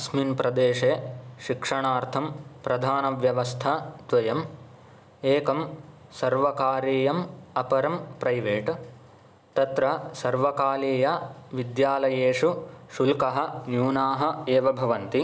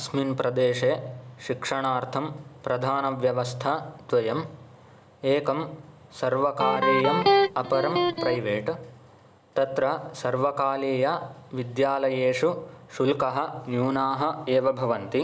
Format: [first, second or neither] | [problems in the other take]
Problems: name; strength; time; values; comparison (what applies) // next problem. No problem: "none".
first | background sound (Electric guitar); 3 dB above the speech